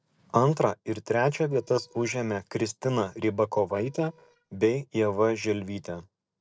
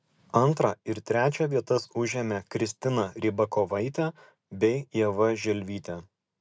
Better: second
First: noise reduction (neural separator model SepFormer DNS4)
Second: none

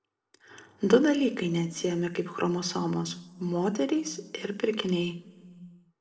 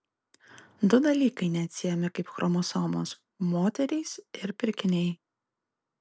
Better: second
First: room echo; dies away in 1.3 s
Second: none

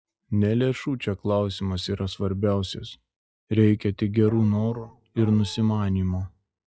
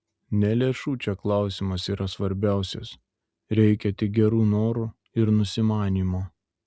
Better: second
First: noise reduction (classical method log-MMSE)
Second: none

